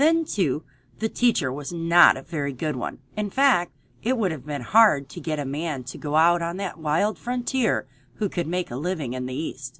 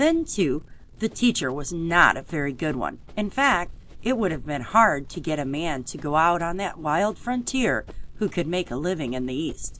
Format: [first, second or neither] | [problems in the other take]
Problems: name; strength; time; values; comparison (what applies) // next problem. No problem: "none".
first | background sound (Run); 13 dB below the speech